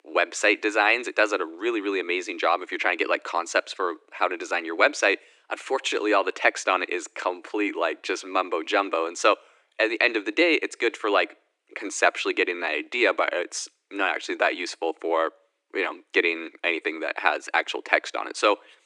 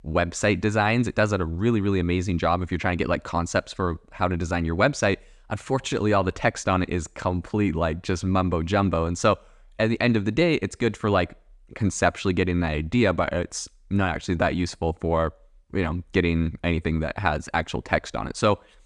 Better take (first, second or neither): second